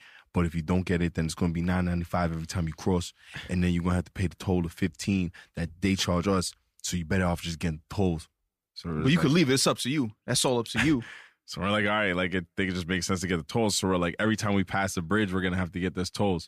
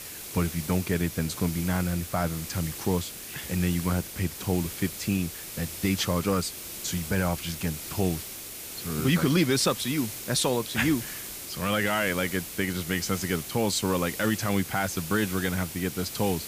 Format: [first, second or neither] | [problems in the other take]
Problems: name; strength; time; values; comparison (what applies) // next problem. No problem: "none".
first | hiss; loud; throughout; 8 dB below the speech